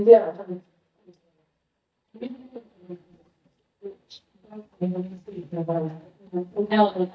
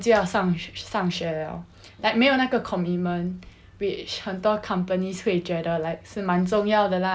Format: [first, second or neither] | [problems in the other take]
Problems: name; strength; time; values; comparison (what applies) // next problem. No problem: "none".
second | noise reduction (neural mask model DeepFilterNet 3)